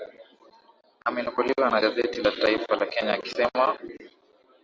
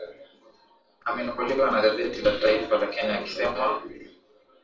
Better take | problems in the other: first | room echo; dies away in 0.3 s

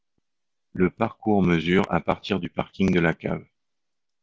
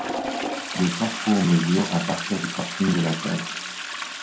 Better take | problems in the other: first | background sound (Toilet flush); 6 dB below the speech // room echo; dies away in 0.5 s

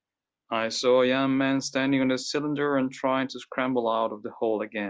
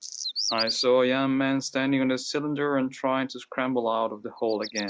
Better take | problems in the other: first | noise reduction (neural mask model RNNoise)

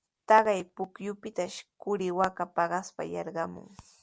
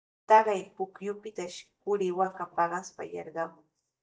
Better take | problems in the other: first | noise reduction (neural mask model DeepFilterNet 3)

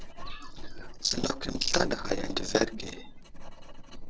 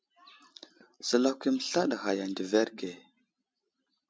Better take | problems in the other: second | noise reduction (neural separator model SepFormer DNS4)

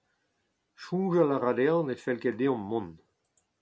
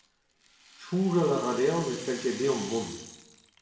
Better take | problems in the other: first | background sound (Rattle); 15 dB below the speech // room echo; dies away in 0.8 s

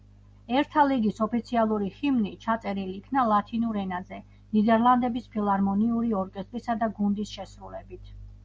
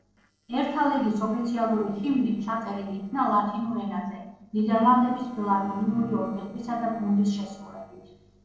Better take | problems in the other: first | noise reduction (neural separator model SepFormer DNS4)

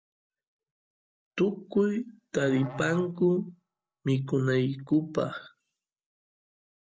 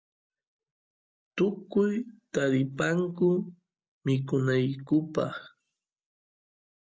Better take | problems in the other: second | background sound (Musical instrument); 15 dB below the speech

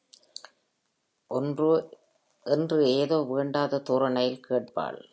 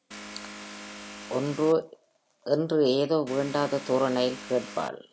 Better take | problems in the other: first | background sound (Vehicle); 14 dB below the speech

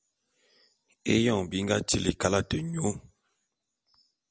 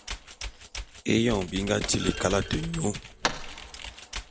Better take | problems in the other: first | background sound (Computer keyboard + Thump, thud); 7 dB below the speech

